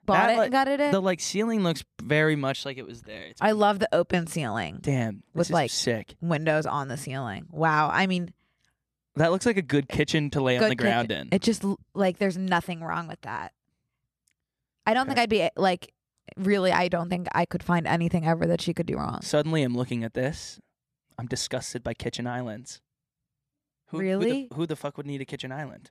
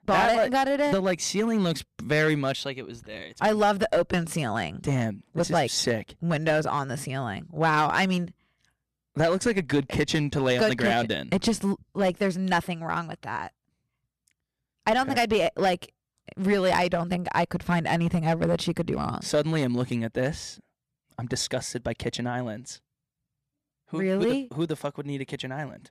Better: first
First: none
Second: distortion; slight; 4% of the sound clipped

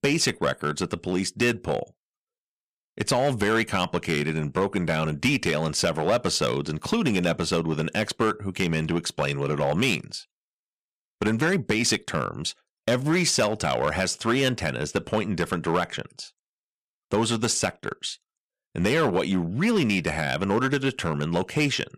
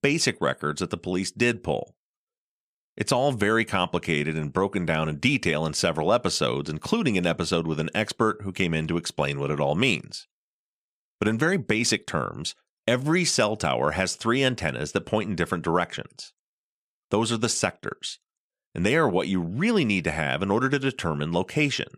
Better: second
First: distortion; slight; 4% of the sound clipped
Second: none

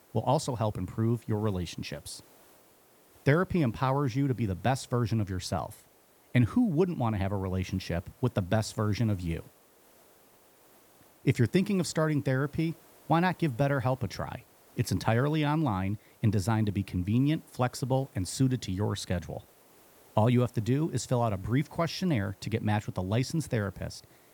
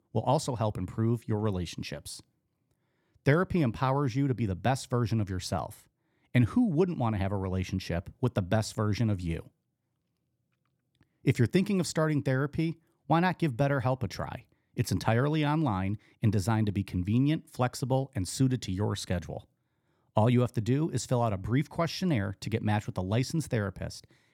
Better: second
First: hiss; faint; throughout; 30 dB below the speech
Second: none

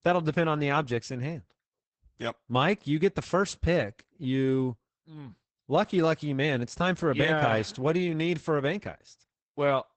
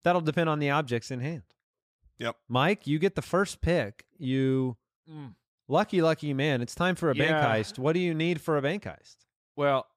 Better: second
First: garbled, watery; badly; nothing above 8 kHz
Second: none

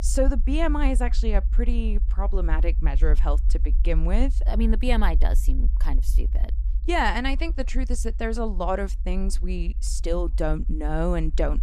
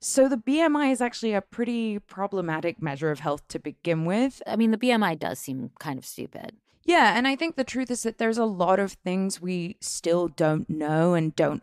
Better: second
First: low rumble; noticeable; throughout; 20 dB below the speech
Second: none

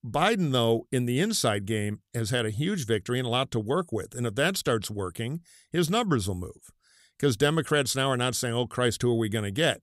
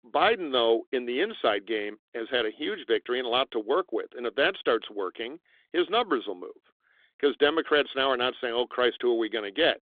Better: first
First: none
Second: phone-call audio; nothing above 3.5 kHz

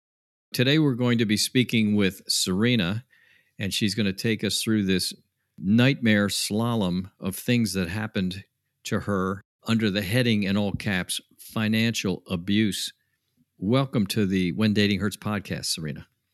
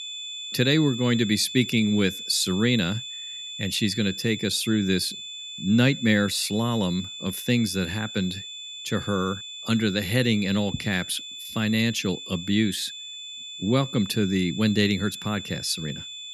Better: first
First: none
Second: high-pitched whine; loud; throughout; 3.5 kHz, 10 dB below the speech

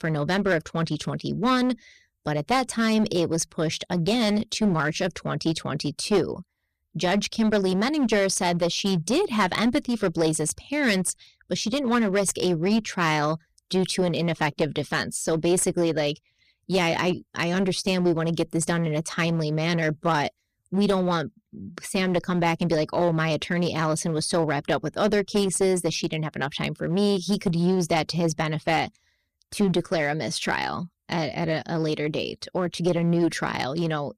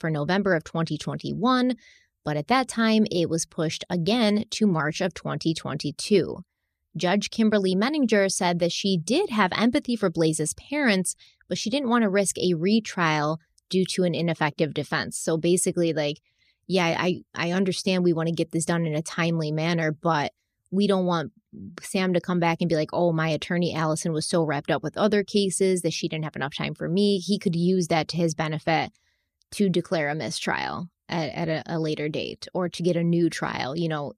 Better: second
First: distortion; slight; 8% of the sound clipped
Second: none

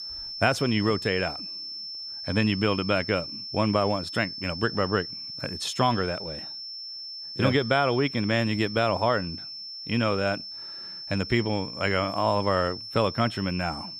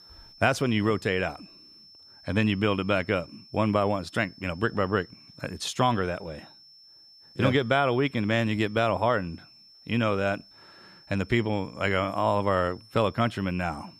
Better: second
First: high-pitched whine; loud; throughout; 5.5 kHz, 9 dB below the speech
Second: high-pitched whine; faint; throughout; 5.5 kHz, 25 dB below the speech

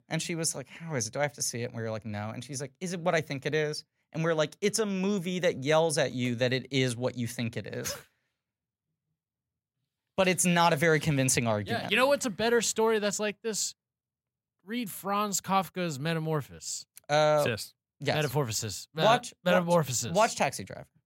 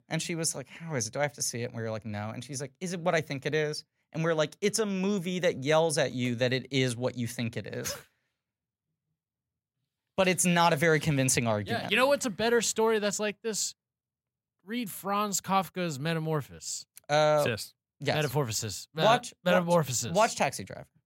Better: neither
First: none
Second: none

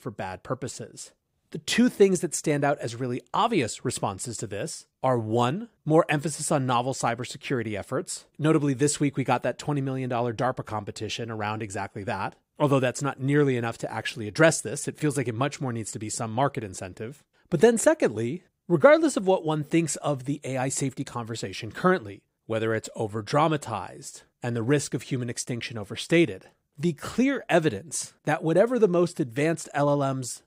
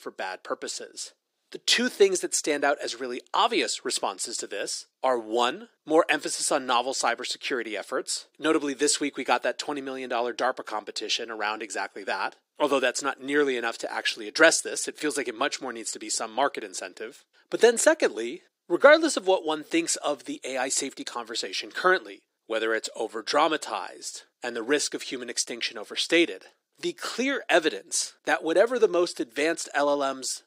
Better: first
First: none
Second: thin; somewhat; fading below 300 Hz

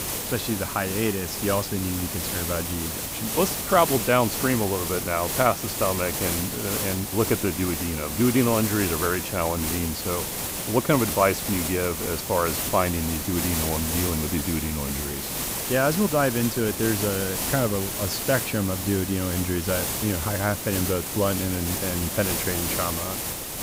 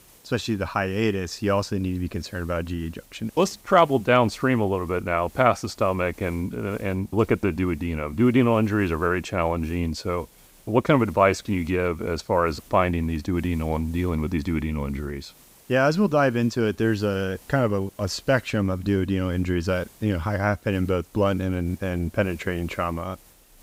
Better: second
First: hiss; loud; throughout; 2 dB below the speech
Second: hiss; faint; throughout; 25 dB below the speech

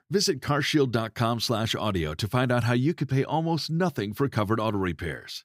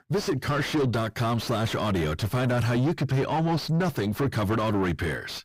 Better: first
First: none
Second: distortion; heavy; 6 dB below the speech

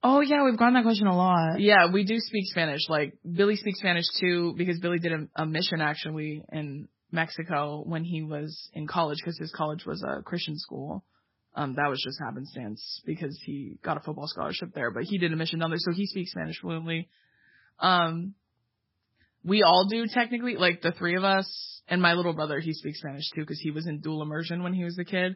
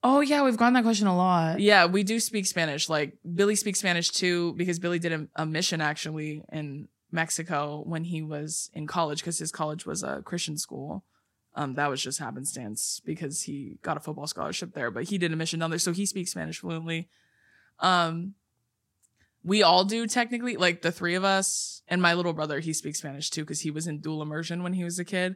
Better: second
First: garbled, watery; badly; nothing above 5.5 kHz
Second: none

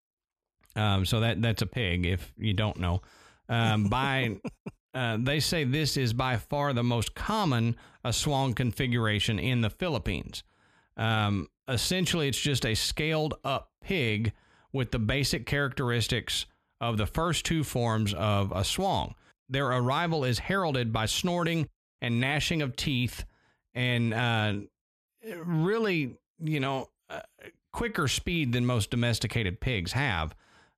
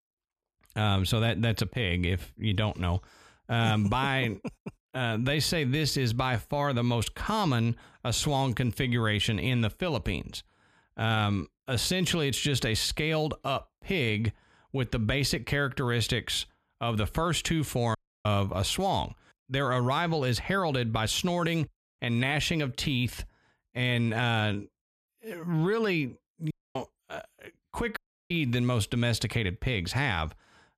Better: first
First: none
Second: audio cutting out; at 18 s, at 27 s and at 28 s

